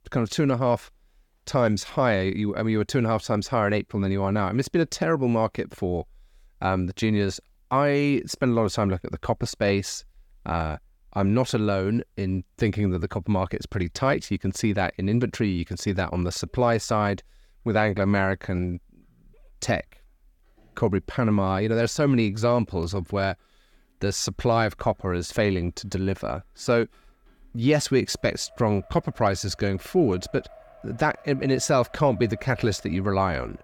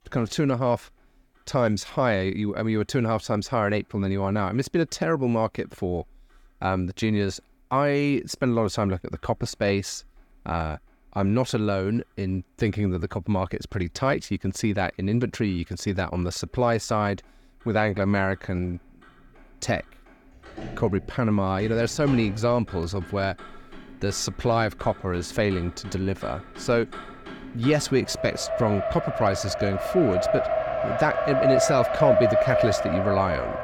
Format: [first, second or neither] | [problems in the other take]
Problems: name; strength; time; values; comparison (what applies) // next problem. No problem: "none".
first | traffic noise; loud; throughout; 2 dB below the speech; faint in the first